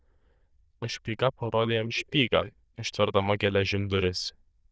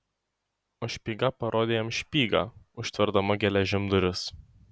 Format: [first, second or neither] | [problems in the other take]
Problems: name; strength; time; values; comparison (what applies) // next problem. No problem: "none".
second | noise reduction (neural diffusion model UNIVERSE++)